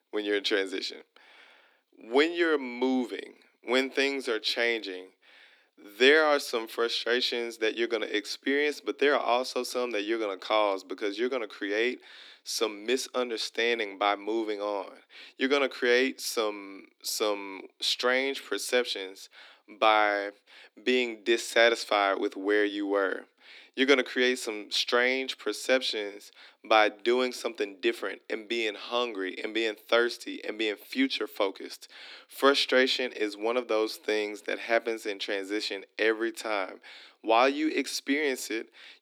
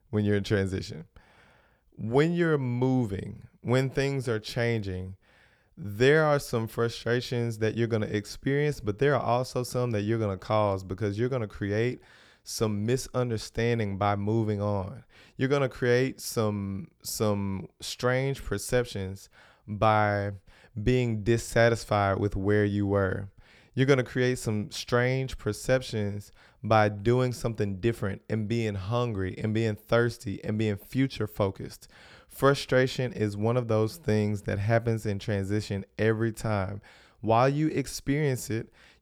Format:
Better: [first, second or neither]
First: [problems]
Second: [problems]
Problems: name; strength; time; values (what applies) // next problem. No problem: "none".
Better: second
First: thin; somewhat; fading below 250 Hz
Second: none